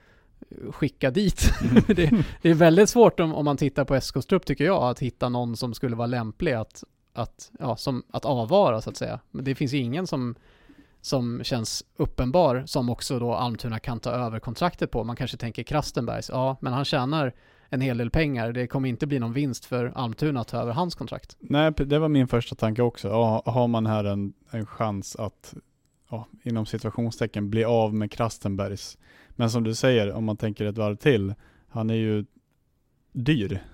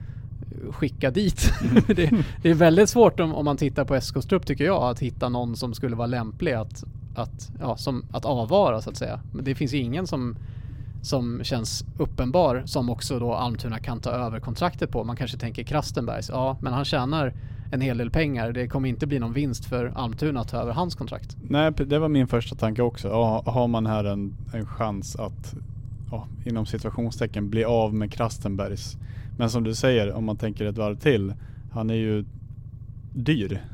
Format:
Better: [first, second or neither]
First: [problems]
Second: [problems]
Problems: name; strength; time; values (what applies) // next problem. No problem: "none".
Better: first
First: none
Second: low rumble; faint; throughout; 25 dB below the speech